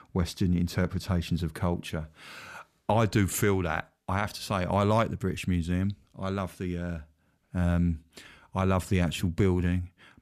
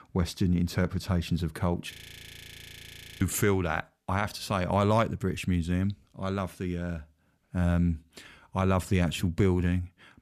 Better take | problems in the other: first | audio freezing; at 2 s for 1.5 s

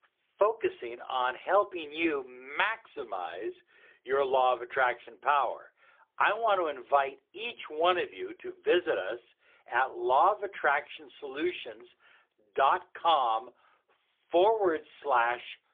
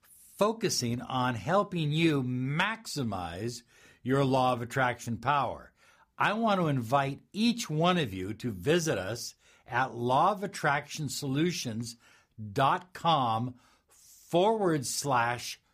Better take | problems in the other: second | phone-call audio; poor line; nothing above 3.5 kHz

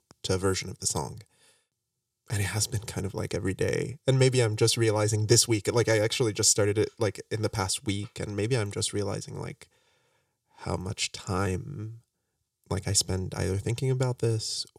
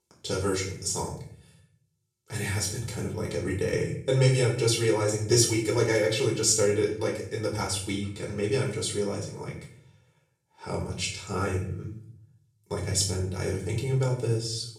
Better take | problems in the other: first | off-mic speech; far // room echo; noticeable; dies away in 0.5 s

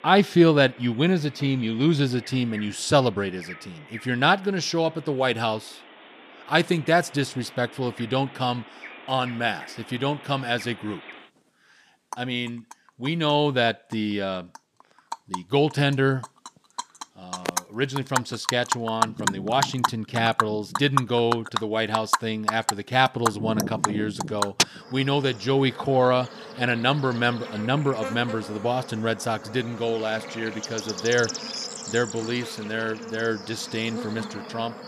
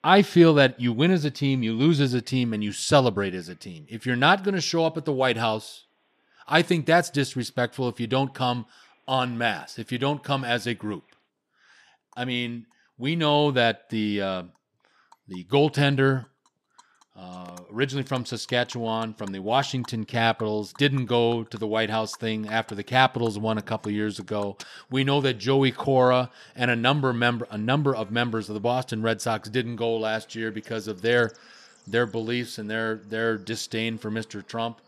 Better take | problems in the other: second | animal sounds; loud; throughout; 7 dB below the speech; faint in the second

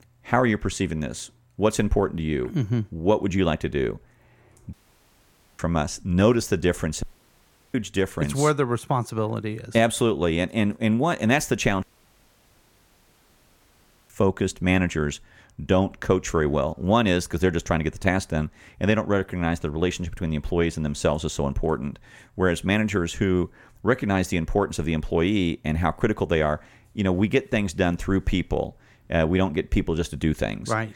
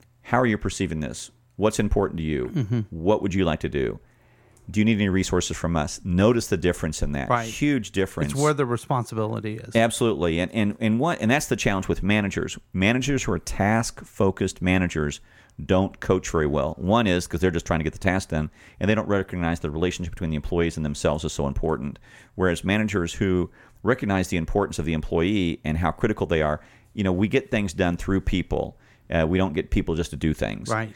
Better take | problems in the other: second | audio cutting out; at 4.5 s for 1 s, at 7 s for 0.5 s and at 12 s for 2.5 s

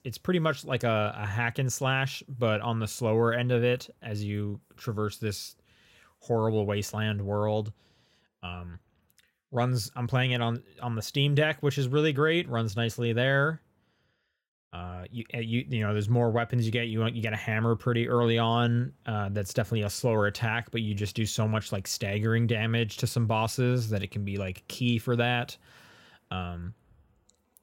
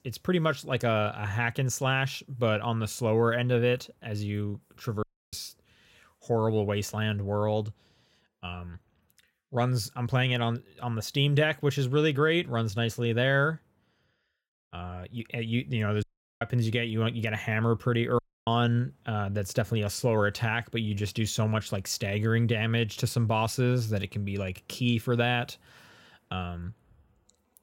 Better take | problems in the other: first | audio cutting out; at 5 s, at 16 s and at 18 s

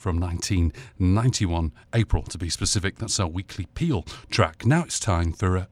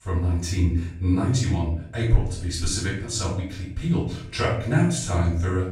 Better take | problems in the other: first | off-mic speech; far // room echo; noticeable; dies away in 0.5 s

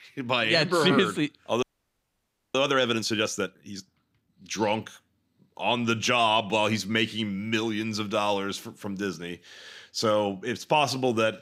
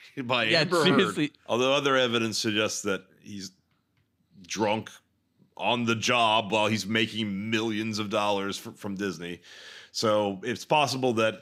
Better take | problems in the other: second | audio freezing; at 1.5 s for 1 s

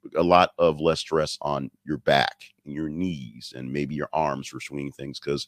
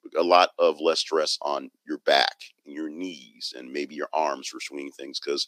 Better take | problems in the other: first | thin; somewhat; fading below 300 Hz

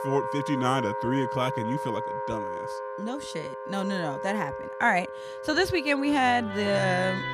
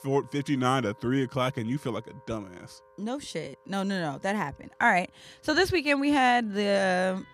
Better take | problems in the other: second | background music; loud; throughout; 6 dB below the speech; faint in the second

